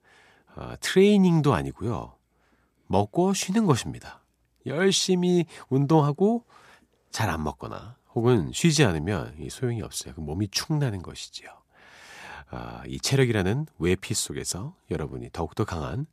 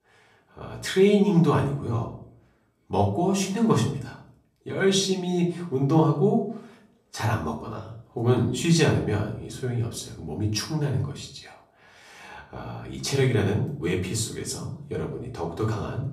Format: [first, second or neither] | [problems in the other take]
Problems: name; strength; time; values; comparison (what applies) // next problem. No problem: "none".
first | off-mic speech; far // room echo; slight; dies away in 0.5 s